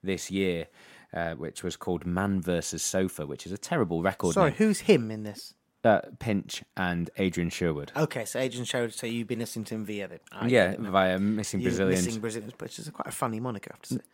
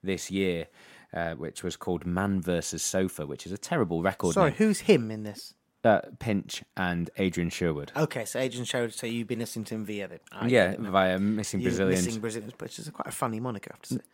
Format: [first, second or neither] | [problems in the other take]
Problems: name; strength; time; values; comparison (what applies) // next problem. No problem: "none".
neither | none